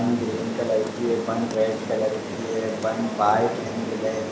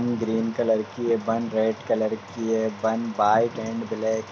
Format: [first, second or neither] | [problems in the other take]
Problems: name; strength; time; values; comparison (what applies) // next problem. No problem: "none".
second | background sound (Rain); 7 dB below the speech // room echo; dies away in 0.8 s